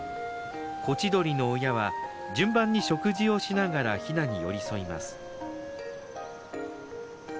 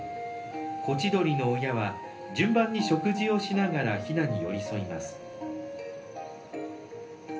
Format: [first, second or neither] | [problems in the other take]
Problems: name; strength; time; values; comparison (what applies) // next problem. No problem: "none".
first | room echo; dies away in 0.3 s